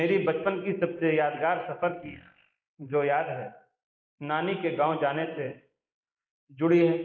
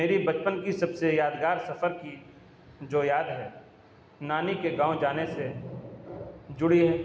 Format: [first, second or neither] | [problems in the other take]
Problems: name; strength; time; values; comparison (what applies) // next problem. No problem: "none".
second | noise reduction (neural mask model Resemble Enhance denoiser)